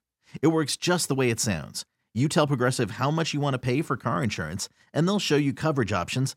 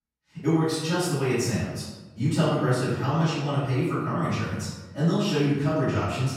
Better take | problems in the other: first | off-mic speech; far // room echo; strong; dies away in 1 s

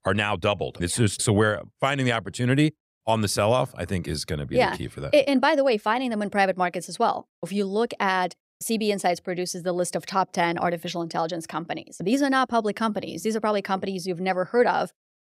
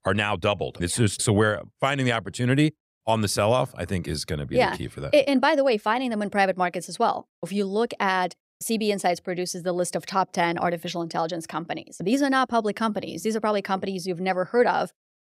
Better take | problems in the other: neither | none

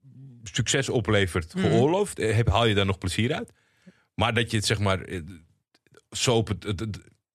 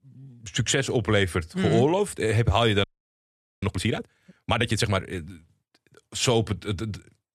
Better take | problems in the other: first | audio freezing; at 3 s for 1 s

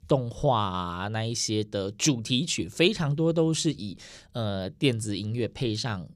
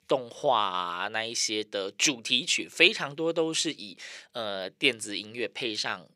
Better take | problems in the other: first | thin; somewhat; fading below 400 Hz

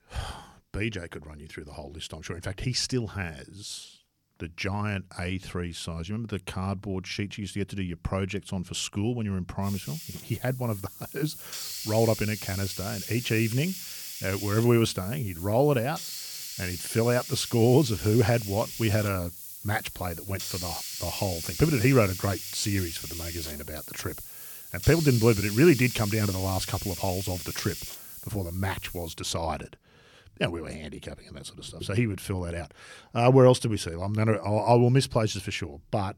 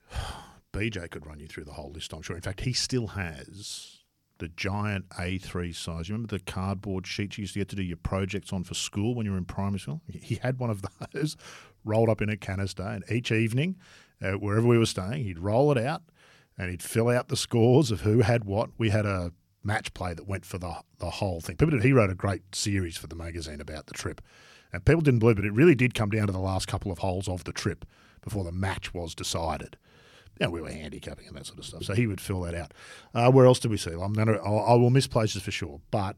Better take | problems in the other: second | hiss; loud; from 9.5 to 29 s; 8 dB below the speech

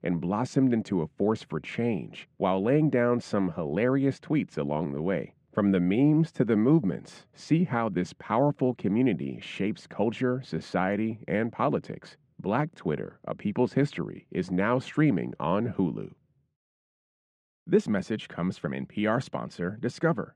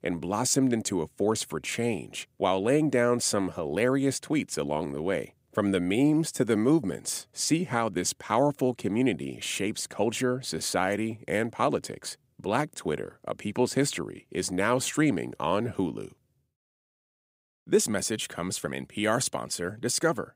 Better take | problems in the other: second | muffled; very; fading above 2.5 kHz

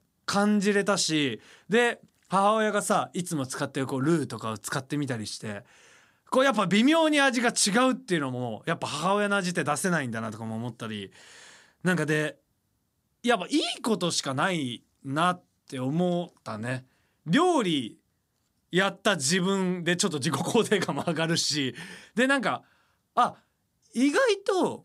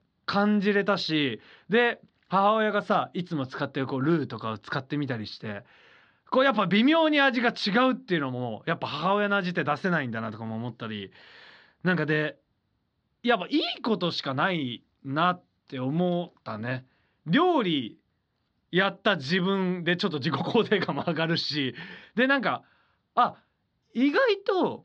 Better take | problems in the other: first | muffled; very slightly; fading above 4.5 kHz

